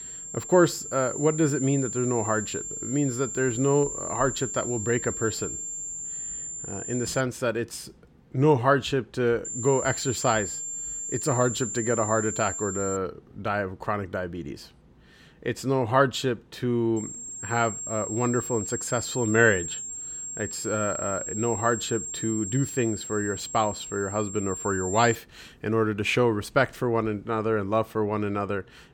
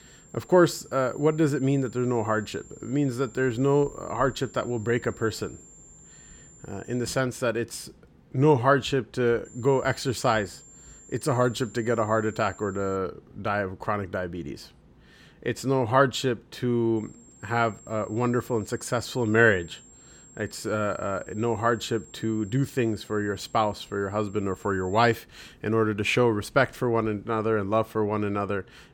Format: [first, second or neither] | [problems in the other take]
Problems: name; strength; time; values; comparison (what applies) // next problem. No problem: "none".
second | high-pitched whine; loud; until 7 s, from 9.5 to 13 s and from 17 to 25 s; 7.5 kHz, 6 dB below the speech; faint in the second